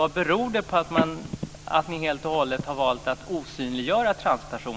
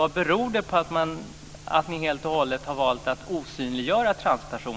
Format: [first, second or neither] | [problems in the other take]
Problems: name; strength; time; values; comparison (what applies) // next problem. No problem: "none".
second | background sound (Telephone); 8 dB below the speech